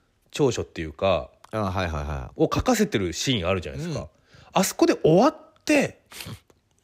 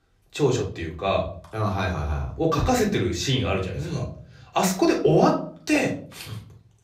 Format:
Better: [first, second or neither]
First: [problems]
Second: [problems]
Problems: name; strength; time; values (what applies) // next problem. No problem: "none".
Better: first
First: none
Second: off-mic speech; far // room echo; slight; dies away in 0.4 s